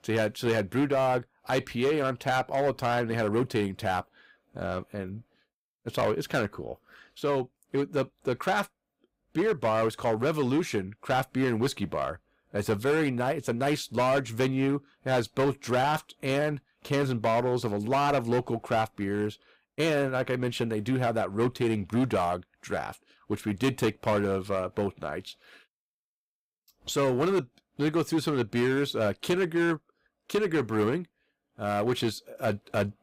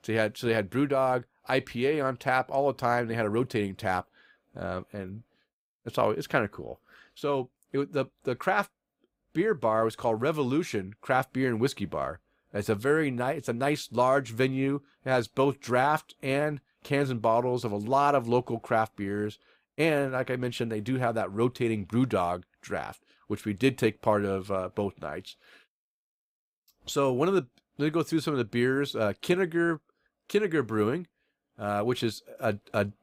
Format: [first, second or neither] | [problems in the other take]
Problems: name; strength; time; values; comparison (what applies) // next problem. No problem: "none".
second | distortion; slight; 7% of the sound clipped